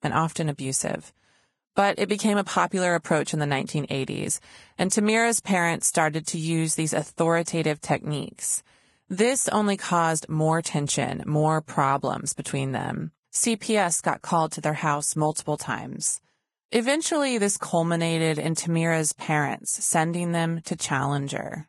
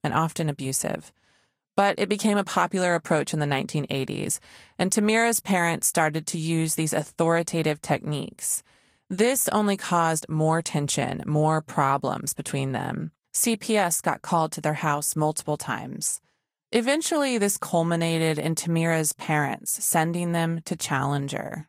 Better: second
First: garbled, watery; badly; nothing above 10.5 kHz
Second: garbled, watery; slightly; nothing above 14.5 kHz

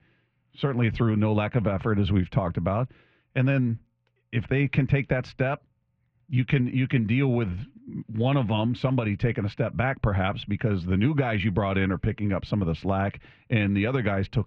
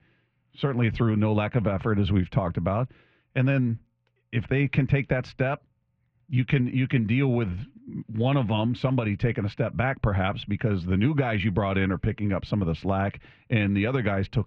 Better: neither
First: muffled; very; fading above 2.5 kHz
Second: muffled; very; fading above 2.5 kHz

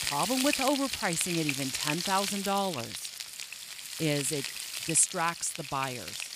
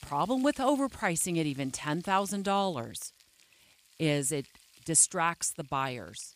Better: second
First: household noises; loud; throughout; 4 dB below the speech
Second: household noises; faint; throughout; 25 dB below the speech

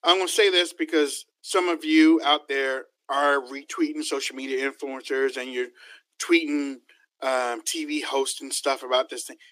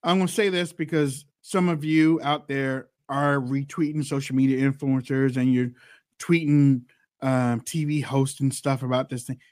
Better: second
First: thin; very; fading below 300 Hz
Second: none

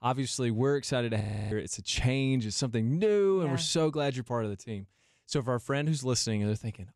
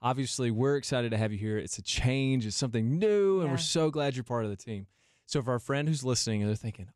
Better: second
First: audio freezing; at 1 s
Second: none

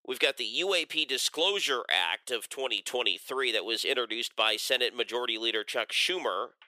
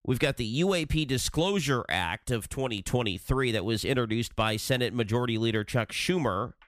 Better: second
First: thin; very; fading below 400 Hz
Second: none

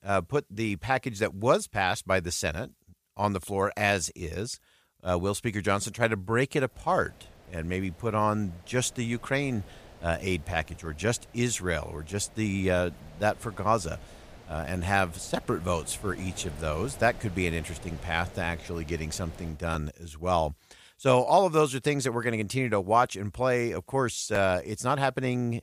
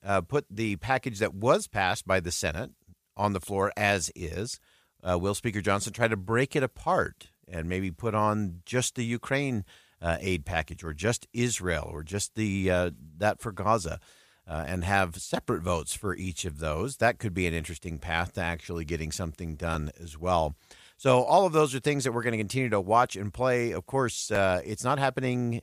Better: second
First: wind noise on the microphone; occasional gusts; from 7 to 20 s; 20 dB below the speech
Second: none

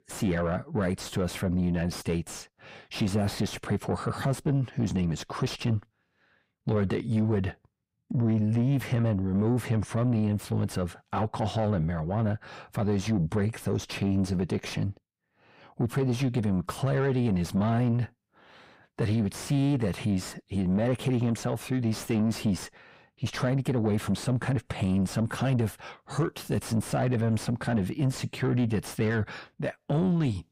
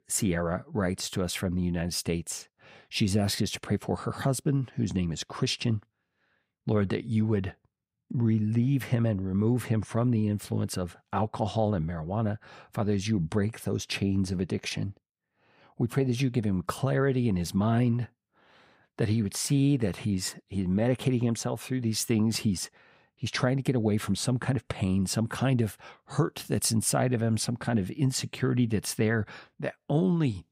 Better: second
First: distortion; slight; 10 dB below the speech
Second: none

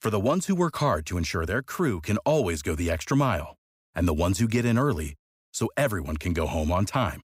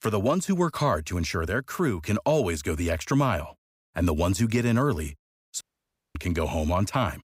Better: first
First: none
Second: audio cutting out; at 5.5 s for 0.5 s

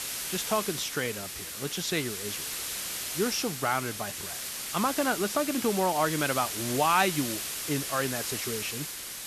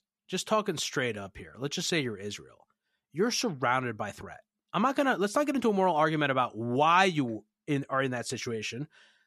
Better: second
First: hiss; loud; throughout; 3 dB below the speech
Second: none

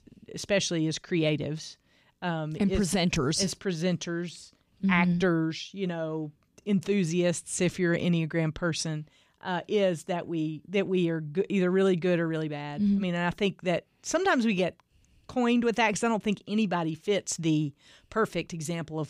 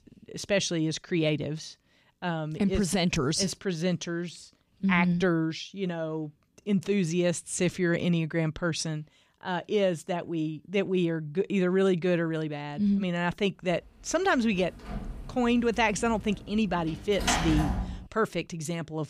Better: first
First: none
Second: door banging; loud; from 15 to 18 s; peak 1 dB above the speech

